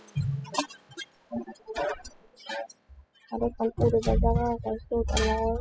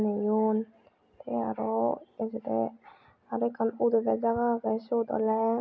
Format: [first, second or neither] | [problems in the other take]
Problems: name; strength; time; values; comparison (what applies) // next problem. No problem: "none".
second | noise reduction (classical method spectral subtraction)